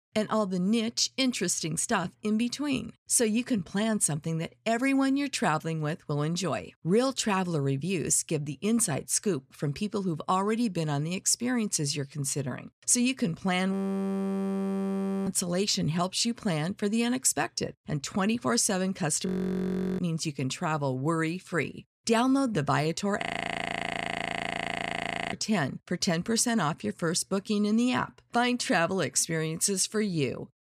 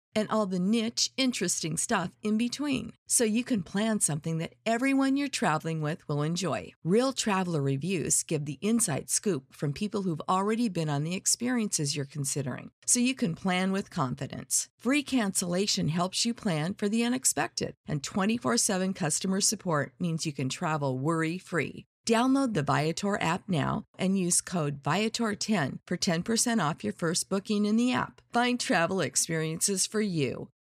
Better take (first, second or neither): second